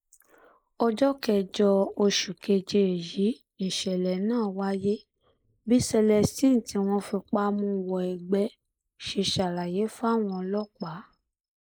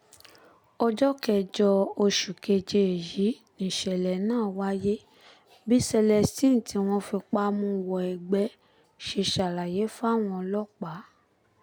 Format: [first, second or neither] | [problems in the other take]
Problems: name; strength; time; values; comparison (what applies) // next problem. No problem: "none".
second | noise reduction (neural mask model Resemble Enhance denoiser)